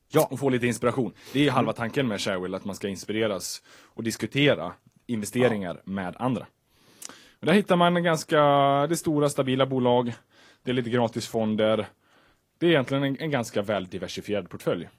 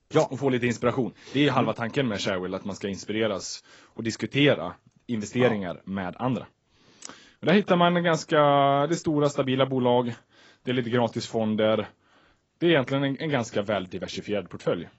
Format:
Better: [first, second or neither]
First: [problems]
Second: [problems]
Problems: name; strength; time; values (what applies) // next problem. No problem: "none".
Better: first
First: garbled, watery; slightly; nothing above 14.5 kHz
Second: garbled, watery; badly; nothing above 7.5 kHz